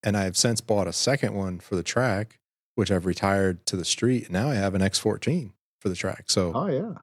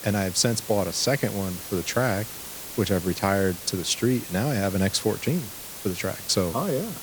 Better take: first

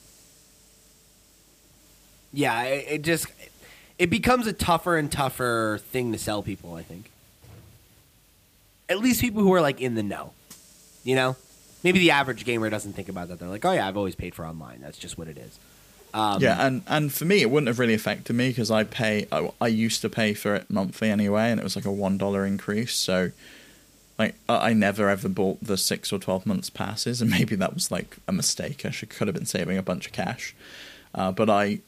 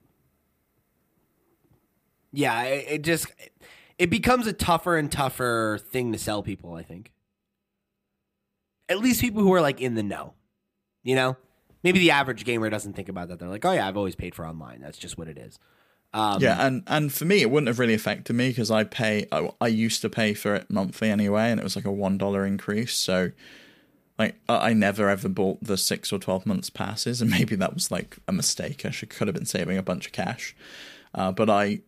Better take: second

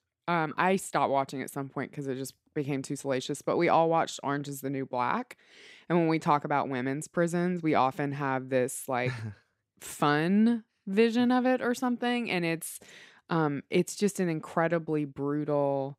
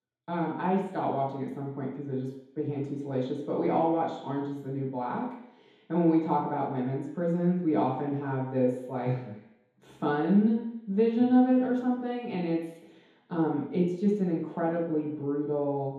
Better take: first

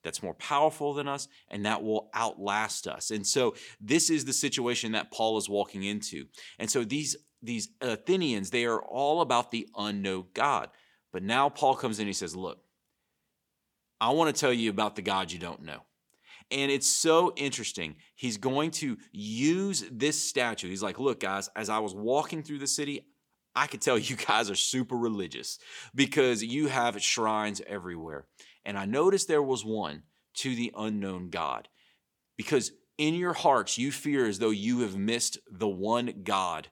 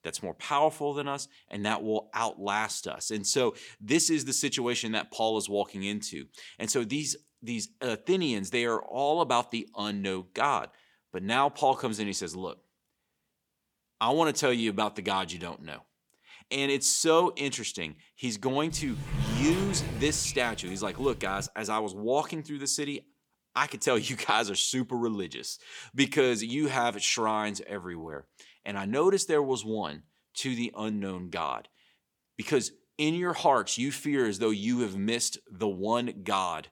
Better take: first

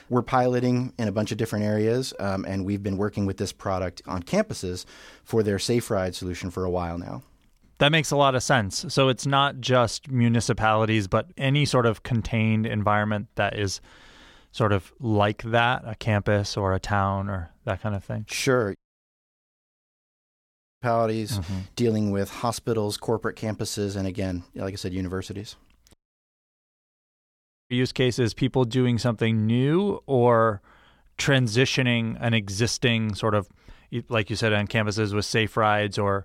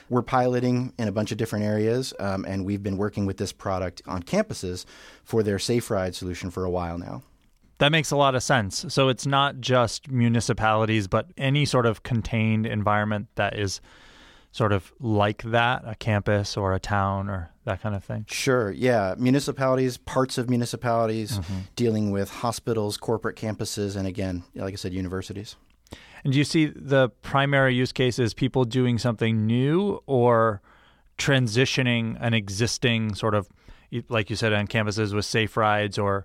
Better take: second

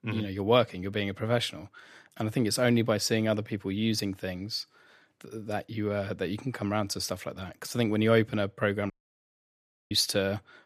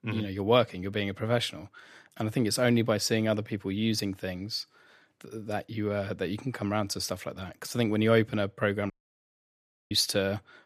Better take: neither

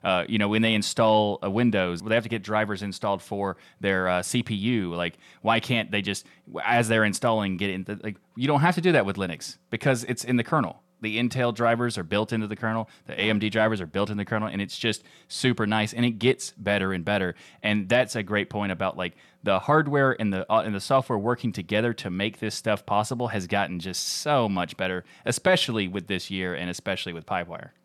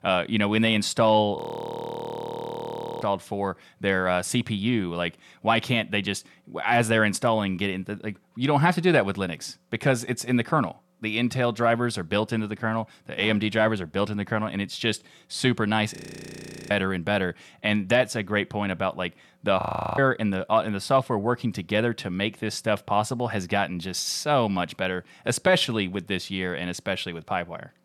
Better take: first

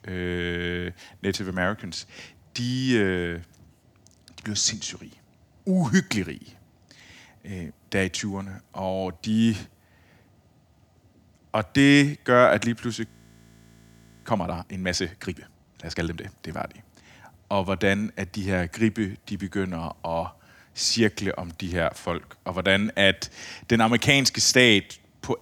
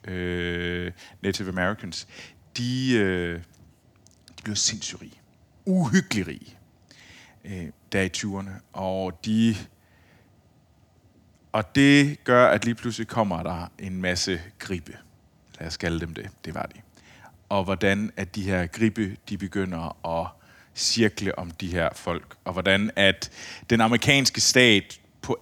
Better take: second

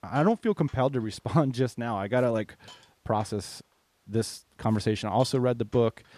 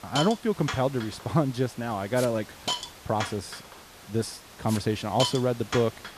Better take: first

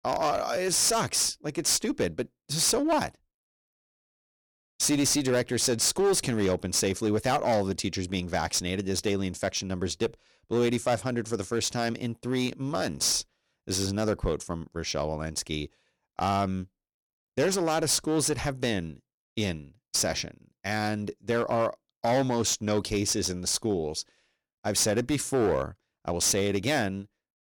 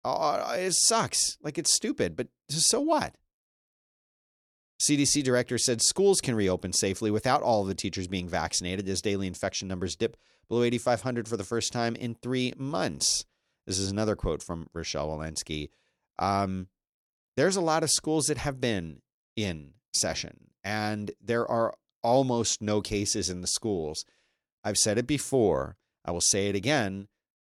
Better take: second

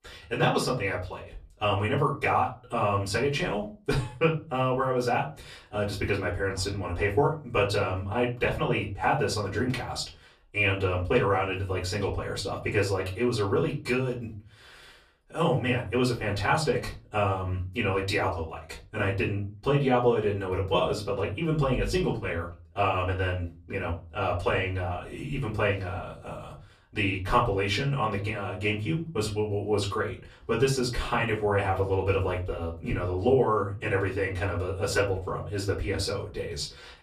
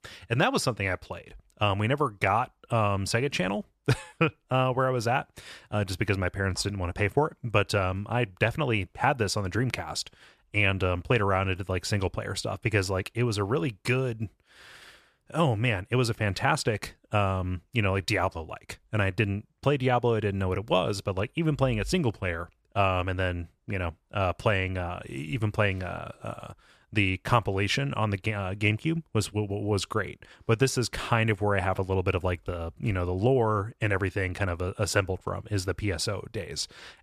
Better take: second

